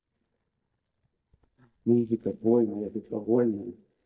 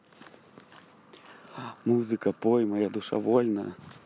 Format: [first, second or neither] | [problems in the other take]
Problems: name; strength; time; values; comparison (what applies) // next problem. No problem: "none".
second | noise reduction (neural mask model DeepFilterNet 3)